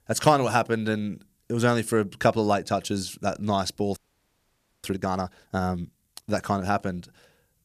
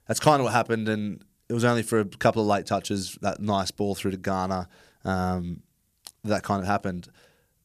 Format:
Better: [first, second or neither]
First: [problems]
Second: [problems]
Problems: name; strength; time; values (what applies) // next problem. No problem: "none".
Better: second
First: audio freezing; at 4 s for 1 s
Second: none